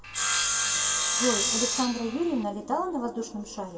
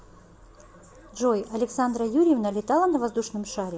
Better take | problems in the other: second | background sound (Sawing); 4 dB above the speech // room echo; dies away in 1.3 s

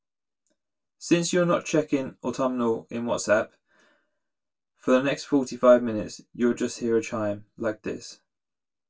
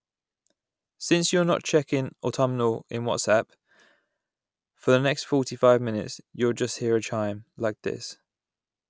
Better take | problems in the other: second | room echo; dies away in 0.1 s

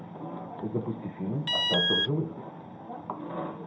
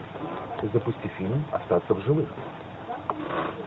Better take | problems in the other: second | background sound (Alarm); 5 dB above the speech // room echo; dies away in 0.4 s

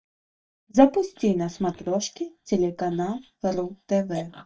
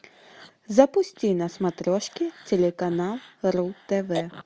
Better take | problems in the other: second | noise reduction (neural mask model DeepFilterNet 3)

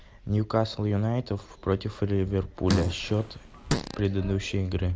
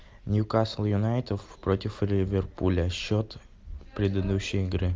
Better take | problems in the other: second | background sound (Fart); 4 dB below the speech

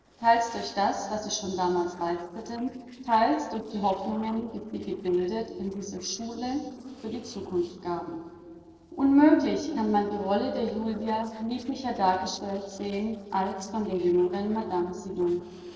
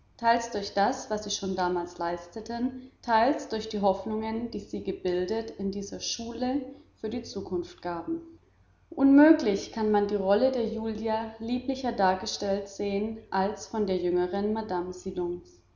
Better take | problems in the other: second | noise reduction (neural separator model SepFormer DNS4)

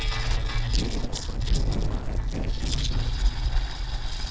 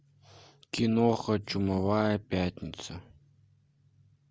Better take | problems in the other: second | noise reduction (neural separator model SepFormer DNS4)

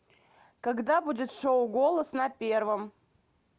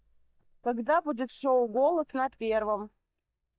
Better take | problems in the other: first | noise reduction (neural mask model DeepFilterNet 3)

